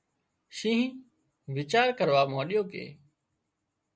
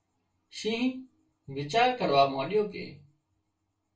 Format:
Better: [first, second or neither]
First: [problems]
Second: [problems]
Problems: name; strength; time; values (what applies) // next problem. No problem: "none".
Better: first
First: none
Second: room echo; dies away in 0.2 s